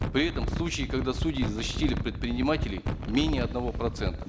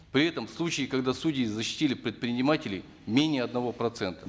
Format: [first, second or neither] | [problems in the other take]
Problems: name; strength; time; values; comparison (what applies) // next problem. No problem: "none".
second | background sound (Wind); 1 dB below the speech